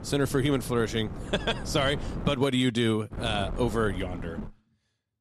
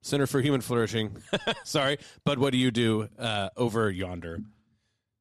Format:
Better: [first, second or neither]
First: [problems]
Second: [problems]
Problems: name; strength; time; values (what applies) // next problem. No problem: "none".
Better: second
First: wind noise on the microphone; occasional gusts; until 2.5 s and from 3 to 4.5 s; 15 dB below the speech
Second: none